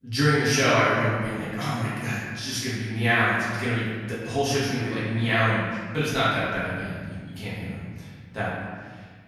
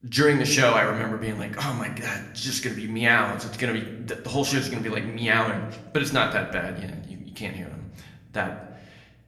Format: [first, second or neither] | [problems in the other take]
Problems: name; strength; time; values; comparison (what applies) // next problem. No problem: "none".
second | room echo; strong; dies away in 1.6 s; slight in the second // off-mic speech; far; somewhat distant in the second